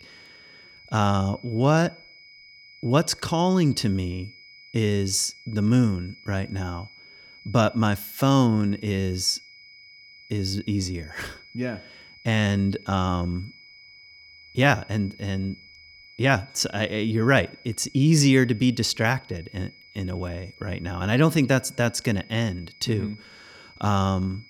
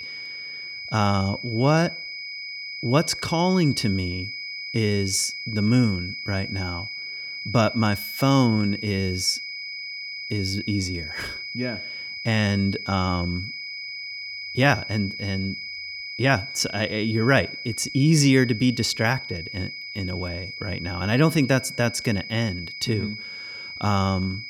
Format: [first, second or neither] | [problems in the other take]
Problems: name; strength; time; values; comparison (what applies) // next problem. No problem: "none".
first | high-pitched whine; loud; throughout; 2 kHz, 8 dB below the speech; faint in the first